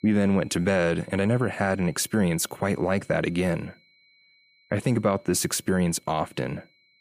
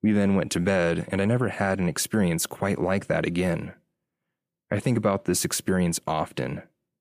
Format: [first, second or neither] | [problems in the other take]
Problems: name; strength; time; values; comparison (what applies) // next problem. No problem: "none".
second | high-pitched whine; faint; throughout; 2 kHz, 35 dB below the speech